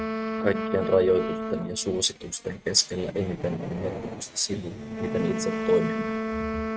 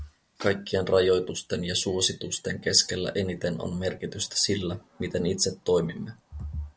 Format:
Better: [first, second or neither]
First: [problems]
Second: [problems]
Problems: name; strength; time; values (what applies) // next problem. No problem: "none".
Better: second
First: noise reduction (neural mask model RNNoise)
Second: none